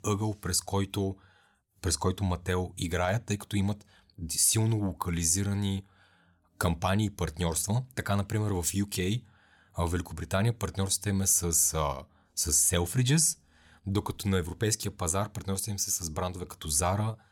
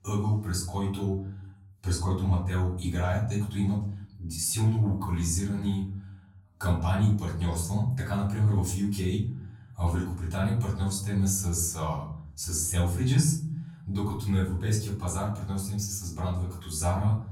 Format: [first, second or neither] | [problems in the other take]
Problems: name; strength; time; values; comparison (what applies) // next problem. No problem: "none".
first | room echo; noticeable; dies away in 0.9 s // off-mic speech; far